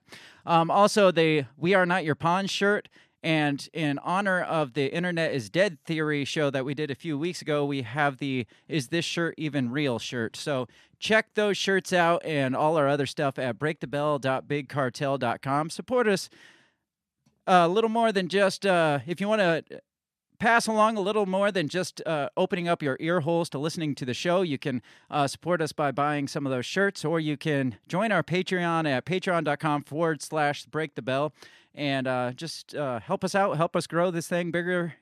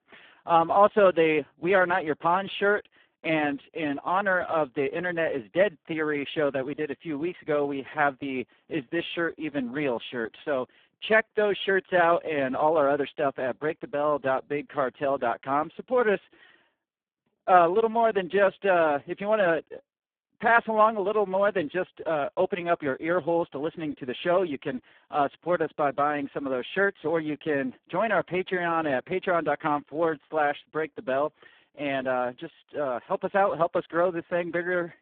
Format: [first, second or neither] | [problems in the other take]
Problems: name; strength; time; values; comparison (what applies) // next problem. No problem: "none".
first | phone-call audio; poor line